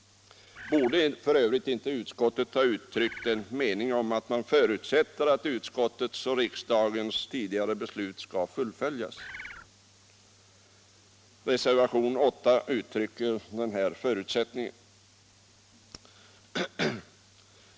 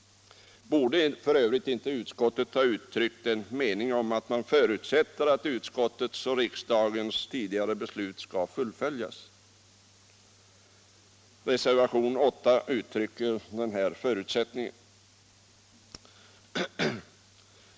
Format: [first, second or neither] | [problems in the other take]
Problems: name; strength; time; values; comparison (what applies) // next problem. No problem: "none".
second | background sound (Bird); 14 dB below the speech